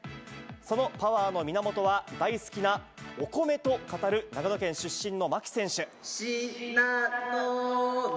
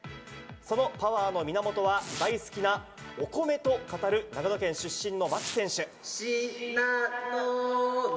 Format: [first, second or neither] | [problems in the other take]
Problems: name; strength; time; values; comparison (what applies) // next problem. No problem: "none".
first | background sound (Domestic sounds, home sounds); 18 dB below the speech // room echo; dies away in 2.3 s